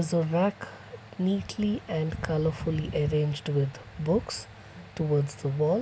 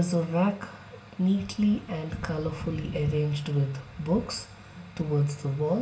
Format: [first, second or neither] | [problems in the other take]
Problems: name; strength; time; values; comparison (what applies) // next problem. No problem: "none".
first | room echo; dies away in 0.4 s